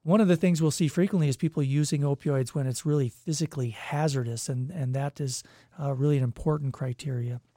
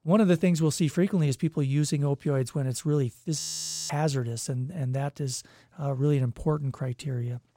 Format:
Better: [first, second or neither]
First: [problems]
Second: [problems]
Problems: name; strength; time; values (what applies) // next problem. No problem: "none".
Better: first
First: none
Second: audio freezing; at 3.5 s for 0.5 s